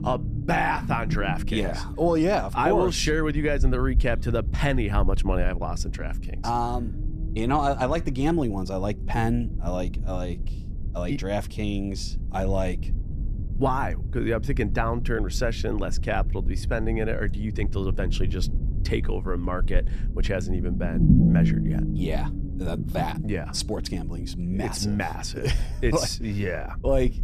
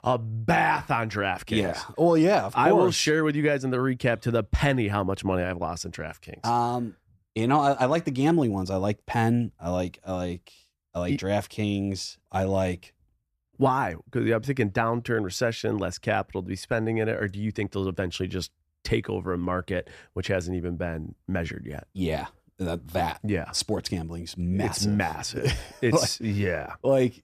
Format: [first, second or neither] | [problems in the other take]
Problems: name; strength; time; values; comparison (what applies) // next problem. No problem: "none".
second | low rumble; noticeable; throughout; 10 dB below the speech